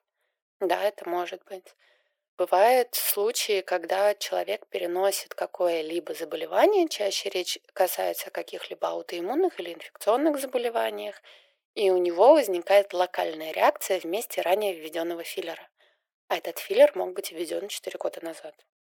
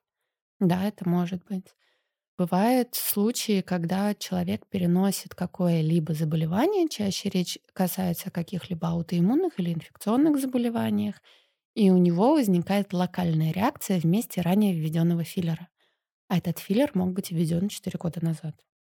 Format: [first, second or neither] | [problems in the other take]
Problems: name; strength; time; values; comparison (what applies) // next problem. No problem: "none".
second | thin; very; fading below 350 Hz